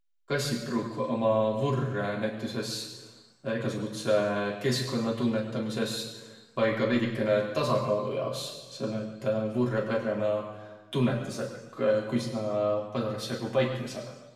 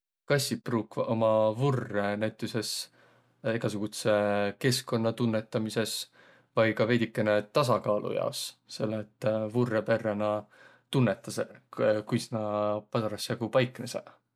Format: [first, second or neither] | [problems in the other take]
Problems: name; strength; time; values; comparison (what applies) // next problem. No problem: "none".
second | room echo; dies away in 1.1 s